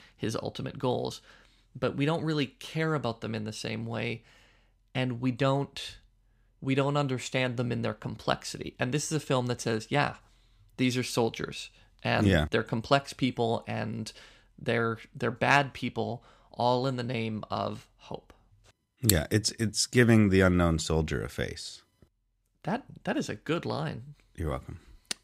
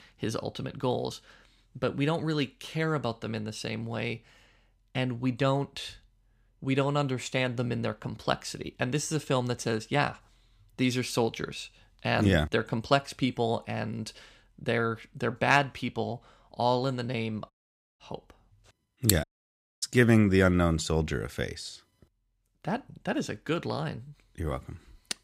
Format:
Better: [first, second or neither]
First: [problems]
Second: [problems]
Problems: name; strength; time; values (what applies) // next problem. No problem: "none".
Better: first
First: none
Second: audio cutting out; at 18 s and at 19 s for 0.5 s